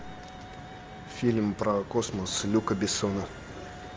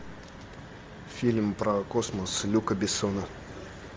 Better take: second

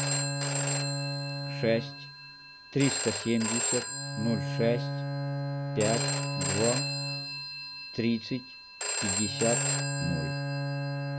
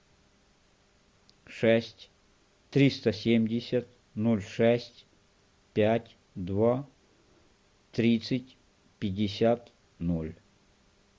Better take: second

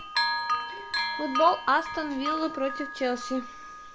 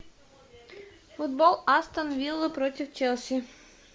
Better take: second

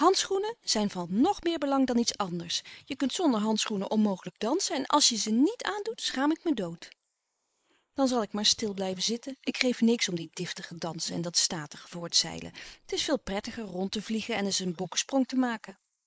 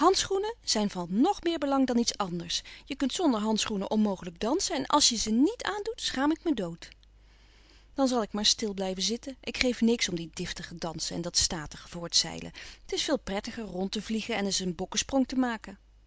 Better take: second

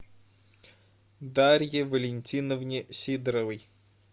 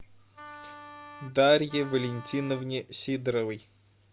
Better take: first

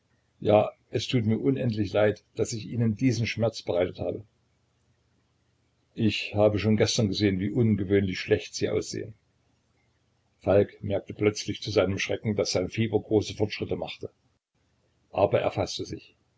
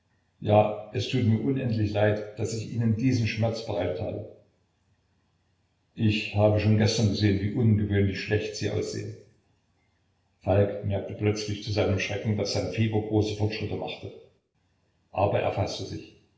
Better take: first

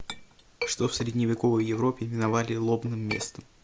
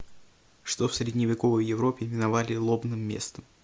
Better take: second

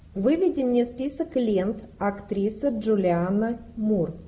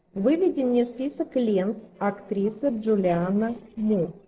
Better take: first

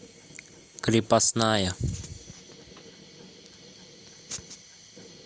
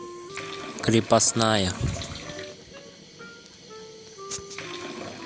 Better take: first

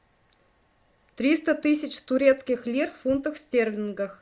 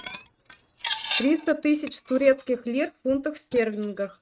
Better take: first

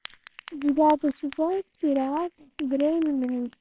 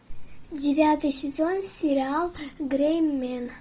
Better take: second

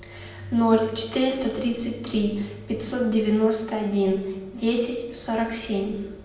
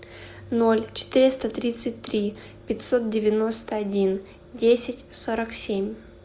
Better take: second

